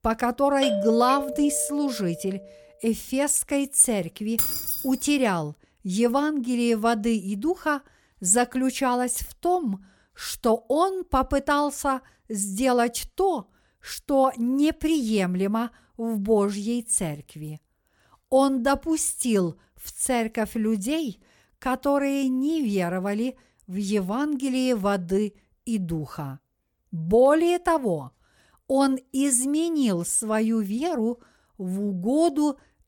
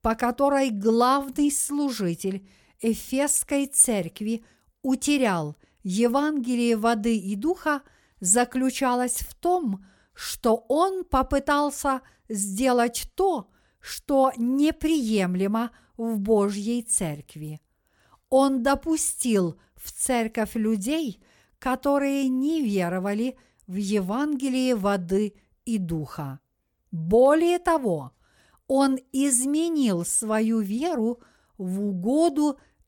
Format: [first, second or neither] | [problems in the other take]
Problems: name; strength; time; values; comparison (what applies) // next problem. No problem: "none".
second | doorbell; noticeable; from 0.5 to 2 s; peak 2 dB below the speech // jangling keys; loud; at 4.5 s; peak 2 dB above the speech